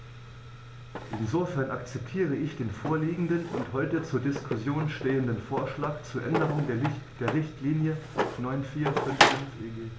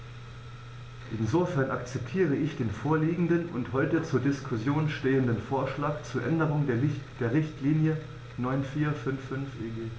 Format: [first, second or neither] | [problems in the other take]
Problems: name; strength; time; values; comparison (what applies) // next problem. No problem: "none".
second | background sound (Drawer open or close); 4 dB below the speech